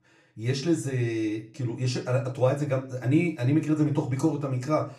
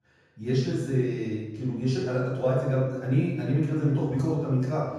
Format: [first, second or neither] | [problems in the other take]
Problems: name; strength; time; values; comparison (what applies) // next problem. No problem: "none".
first | room echo; strong; dies away in 1.3 s; slight in the first // off-mic speech; far; far in the first